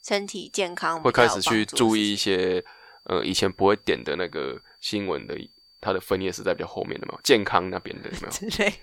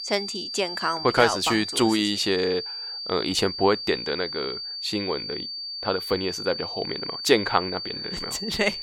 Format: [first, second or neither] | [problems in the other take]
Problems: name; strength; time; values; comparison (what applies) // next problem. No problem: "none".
first | high-pitched whine; loud; throughout; 4.5 kHz, 6 dB below the speech; faint in the first